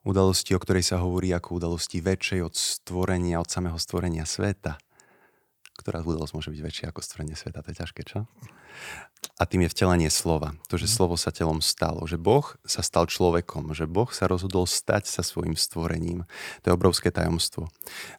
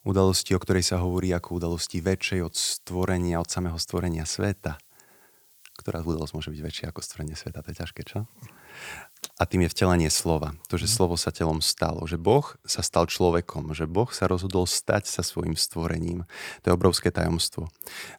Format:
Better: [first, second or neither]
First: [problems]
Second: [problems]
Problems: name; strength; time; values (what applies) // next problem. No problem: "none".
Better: first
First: none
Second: hiss; faint; until 11 s; 30 dB below the speech